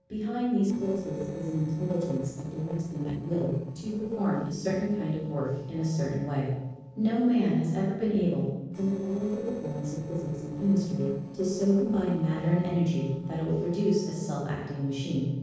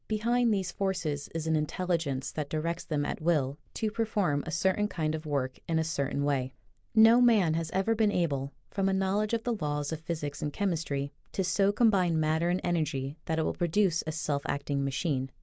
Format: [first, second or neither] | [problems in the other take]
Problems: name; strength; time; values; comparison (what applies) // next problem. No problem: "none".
second | noise reduction (neural separator model SepFormer DNS4)